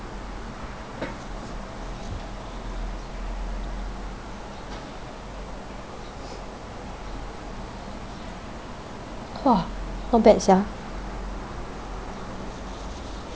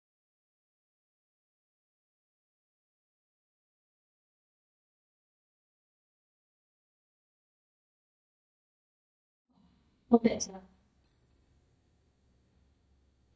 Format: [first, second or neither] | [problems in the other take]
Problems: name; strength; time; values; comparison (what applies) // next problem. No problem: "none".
first | noise reduction (neural mask model DeepFilterNet 3)